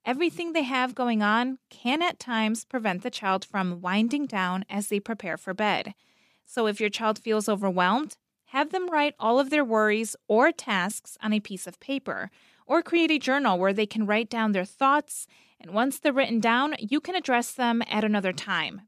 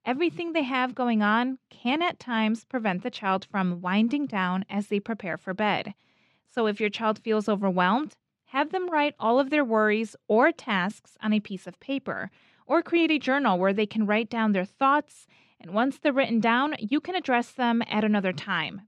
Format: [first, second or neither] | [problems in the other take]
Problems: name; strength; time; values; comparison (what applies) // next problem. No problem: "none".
first | muffled; very slightly; fading above 3.5 kHz